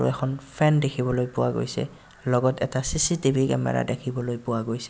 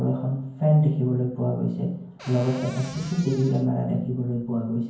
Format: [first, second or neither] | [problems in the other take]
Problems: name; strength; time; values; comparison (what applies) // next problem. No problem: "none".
first | background sound (Cupboard open or close); 18 dB below the speech // room echo; dies away in 0.9 s